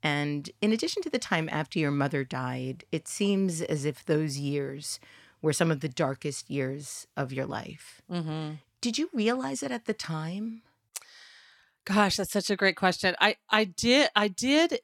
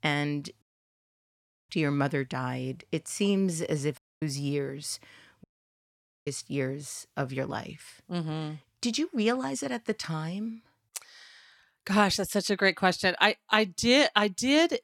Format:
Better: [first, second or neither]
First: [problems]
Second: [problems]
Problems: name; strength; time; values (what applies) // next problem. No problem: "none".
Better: first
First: none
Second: audio cutting out; at 0.5 s for 1 s, at 4 s and at 5.5 s for 1 s